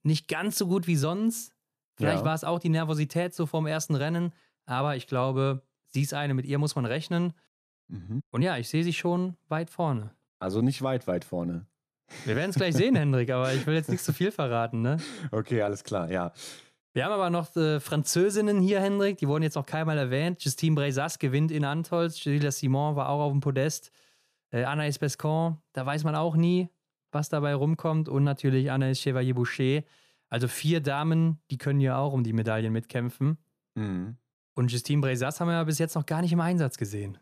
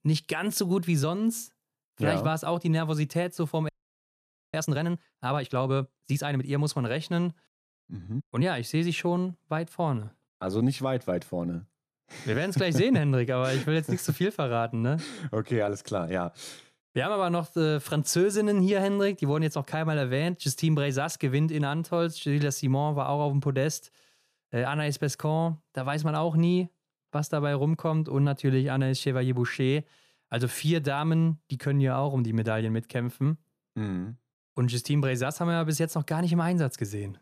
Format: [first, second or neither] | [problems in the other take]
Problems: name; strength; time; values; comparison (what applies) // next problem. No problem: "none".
first | audio freezing; at 3.5 s for 1 s